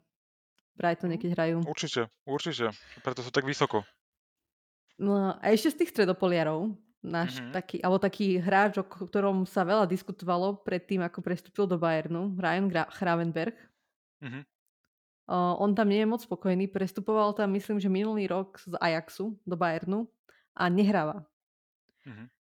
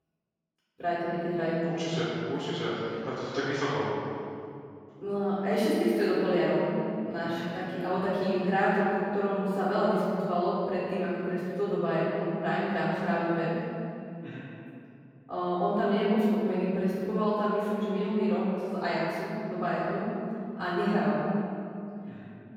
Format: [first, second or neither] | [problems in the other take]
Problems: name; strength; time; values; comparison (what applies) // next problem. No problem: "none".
first | off-mic speech; far // room echo; strong; dies away in 2.4 s